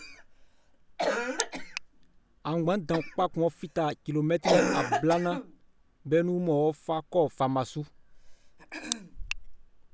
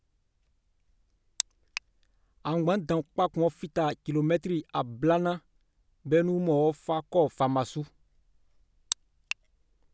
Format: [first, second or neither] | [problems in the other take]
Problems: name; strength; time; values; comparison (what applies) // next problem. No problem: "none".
second | background sound (Cough); 4 dB below the speech